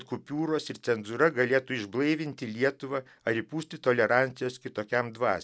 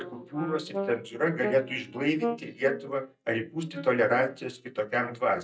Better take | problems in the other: first | noise reduction (neural mask model DeepFilterNet 3)

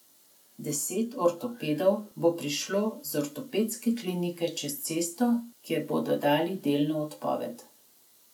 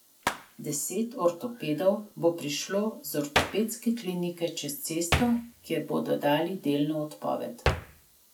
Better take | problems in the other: first | background sound (Hands); 7 dB below the speech

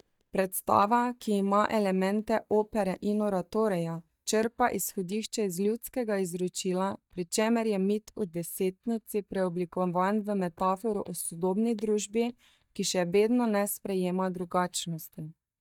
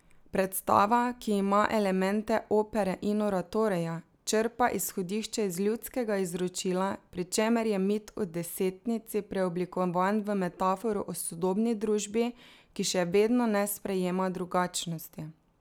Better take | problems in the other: second | noise reduction (neural mask model DeepFilterNet 3)

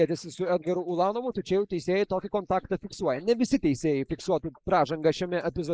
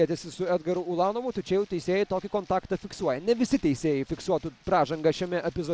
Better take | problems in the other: second | noise reduction (neural mask model Resemble Enhance denoiser)

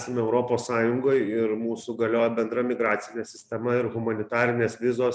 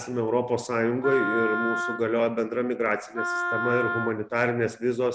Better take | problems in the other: first | background sound (Wind instrument, woodwind instrument); 5 dB below the speech

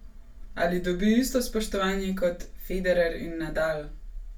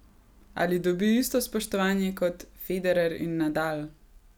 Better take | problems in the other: second | room echo; dies away in 0.2 s

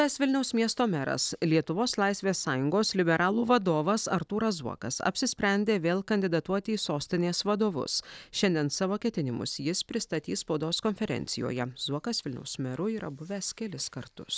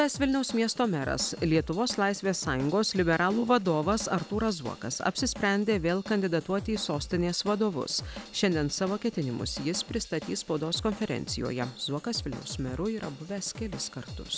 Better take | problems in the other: first | background sound (Drum / Drum kit); 14 dB below the speech

